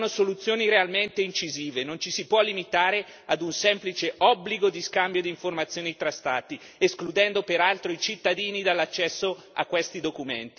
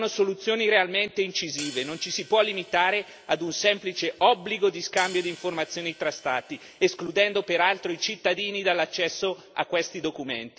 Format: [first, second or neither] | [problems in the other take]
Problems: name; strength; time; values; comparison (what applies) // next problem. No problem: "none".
first | background sound (Hi-hat); 19 dB below the speech